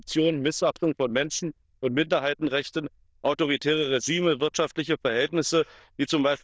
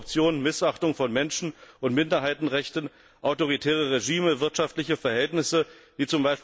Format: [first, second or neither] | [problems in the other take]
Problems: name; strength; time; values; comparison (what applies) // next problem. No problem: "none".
second | noise reduction (neural diffusion model UNIVERSE++)